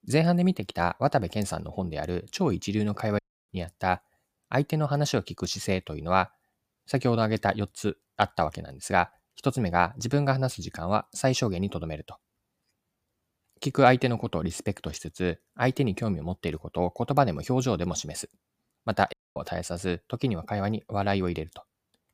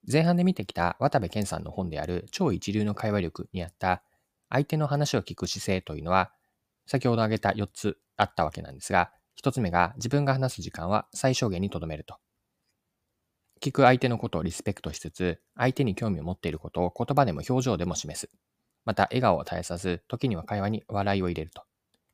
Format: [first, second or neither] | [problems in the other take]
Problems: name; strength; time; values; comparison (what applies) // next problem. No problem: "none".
second | audio cutting out; at 3 s and at 19 s